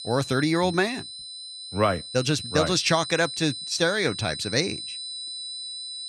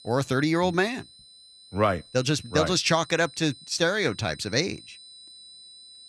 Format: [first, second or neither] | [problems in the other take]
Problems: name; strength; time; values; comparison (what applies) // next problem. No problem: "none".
second | high-pitched whine; loud; throughout; 4 kHz, 9 dB below the speech; faint in the second